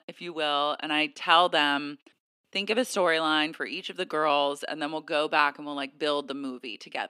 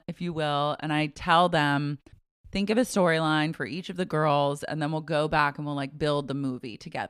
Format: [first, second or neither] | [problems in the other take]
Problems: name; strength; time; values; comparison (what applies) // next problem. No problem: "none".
second | thin; somewhat; fading below 250 Hz